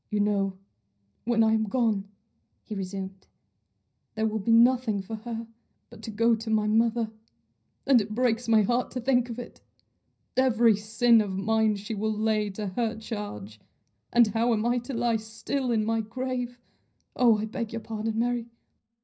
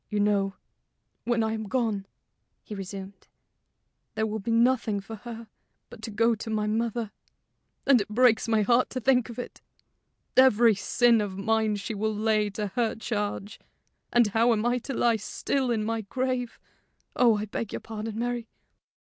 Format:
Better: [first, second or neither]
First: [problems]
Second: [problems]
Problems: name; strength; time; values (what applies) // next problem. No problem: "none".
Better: second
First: room echo; dies away in 0.4 s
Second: none